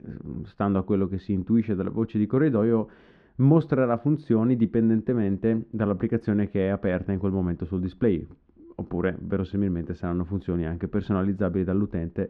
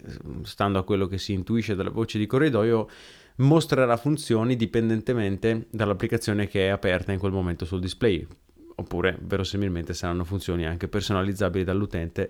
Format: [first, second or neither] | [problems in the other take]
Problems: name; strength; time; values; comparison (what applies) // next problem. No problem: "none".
second | muffled; very; fading above 1.5 kHz